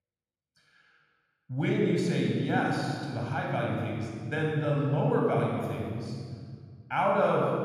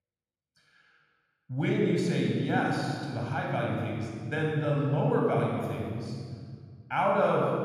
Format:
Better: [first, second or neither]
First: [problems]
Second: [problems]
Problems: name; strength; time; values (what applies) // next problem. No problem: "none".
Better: neither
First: off-mic speech; somewhat distant // room echo; strong; dies away in 1.9 s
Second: off-mic speech; somewhat distant // room echo; strong; dies away in 1.9 s